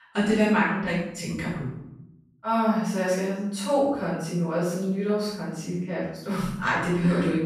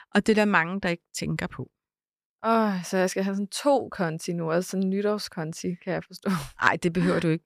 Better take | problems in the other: second | off-mic speech; far // room echo; strong; dies away in 0.8 s

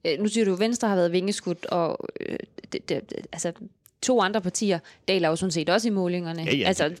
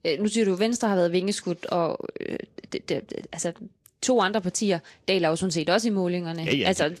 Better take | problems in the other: first | garbled, watery; slightly

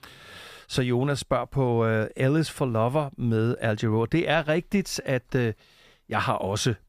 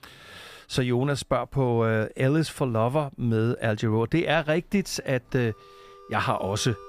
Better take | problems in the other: first | background music; faint; throughout; 25 dB below the speech

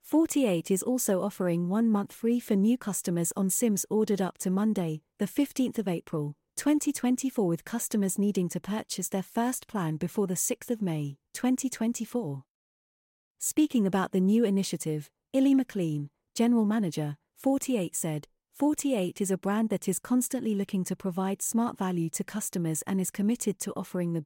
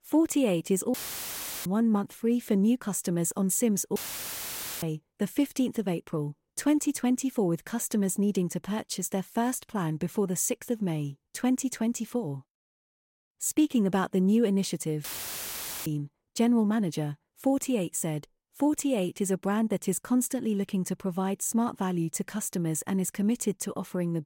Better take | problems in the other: first | audio cutting out; filled with static; at 1 s for 0.5 s, at 4 s for 1 s and at 15 s for 1 s

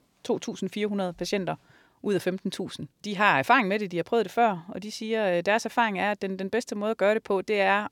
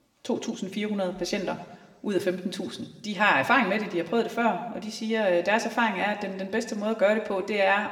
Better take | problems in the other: first | room echo; very slight; dies away in 1.3 s

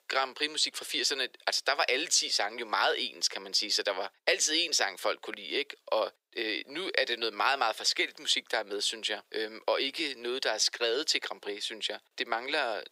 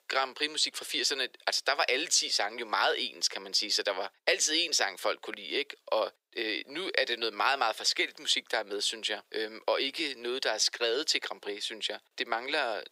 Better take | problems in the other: neither | thin; very; fading below 400 Hz; the same in both

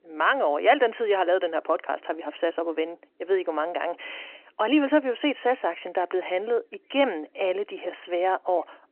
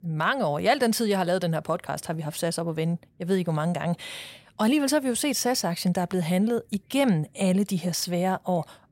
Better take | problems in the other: second | phone-call audio; nothing above 3 kHz

